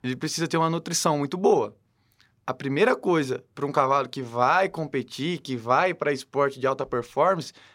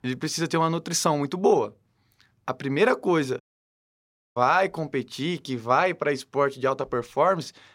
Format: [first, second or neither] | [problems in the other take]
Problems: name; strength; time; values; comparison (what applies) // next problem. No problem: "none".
first | audio cutting out; at 3.5 s for 1 s